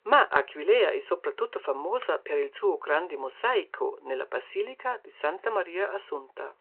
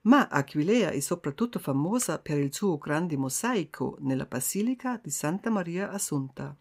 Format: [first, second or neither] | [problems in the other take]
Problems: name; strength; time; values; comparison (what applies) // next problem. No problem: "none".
second | phone-call audio